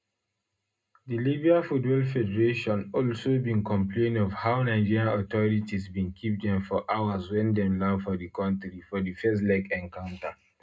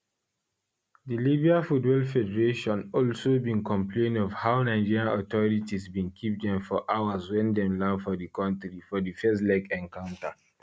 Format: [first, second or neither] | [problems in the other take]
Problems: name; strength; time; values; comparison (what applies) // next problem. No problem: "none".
second | room echo; dies away in 0.2 s